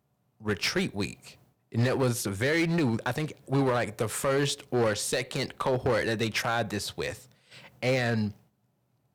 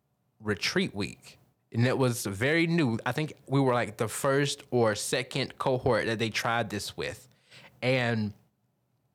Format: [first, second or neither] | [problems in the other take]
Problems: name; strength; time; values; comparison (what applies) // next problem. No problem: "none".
second | distortion; slight; 6% of the sound clipped